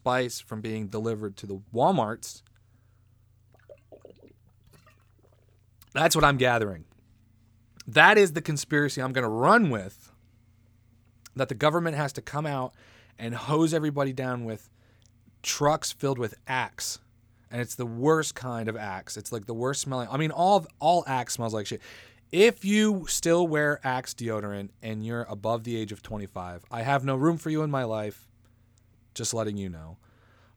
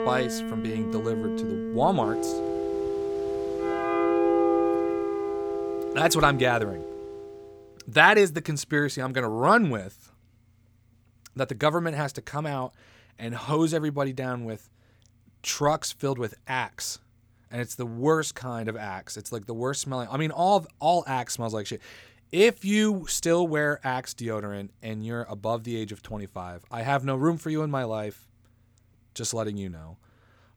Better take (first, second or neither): first